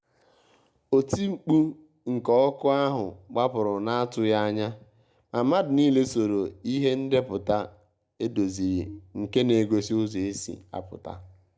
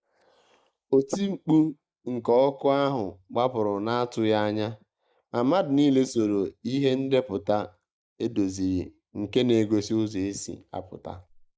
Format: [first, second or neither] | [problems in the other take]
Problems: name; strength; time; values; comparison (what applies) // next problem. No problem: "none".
first | noise reduction (neural mask model Resemble Enhance denoiser)